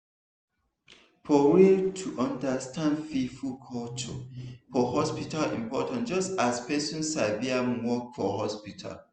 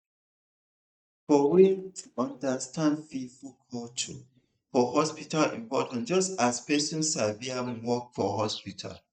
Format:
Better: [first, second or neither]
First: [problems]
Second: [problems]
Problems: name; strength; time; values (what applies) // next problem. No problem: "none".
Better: first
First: none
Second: noise reduction (neural mask model DeepFilterNet 3)